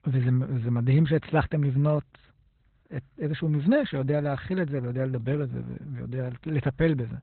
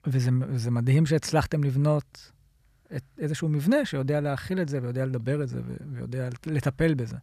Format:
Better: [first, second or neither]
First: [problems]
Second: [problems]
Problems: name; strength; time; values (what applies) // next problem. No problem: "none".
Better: second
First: garbled, watery; badly; nothing above 4 kHz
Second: none